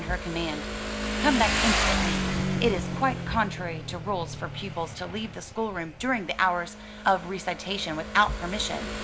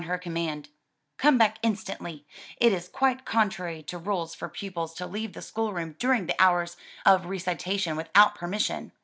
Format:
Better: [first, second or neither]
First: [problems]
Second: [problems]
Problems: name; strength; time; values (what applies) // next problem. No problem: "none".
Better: second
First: background sound (Motorcycle); 2 dB below the speech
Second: none